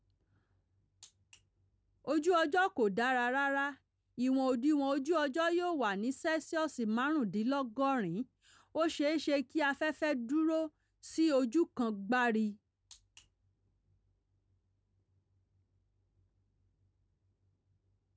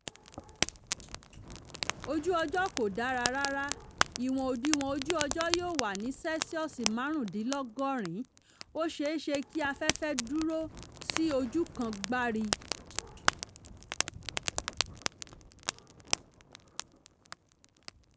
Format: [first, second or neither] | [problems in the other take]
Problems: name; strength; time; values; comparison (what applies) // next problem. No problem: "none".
first | background sound (Fire); 4 dB below the speech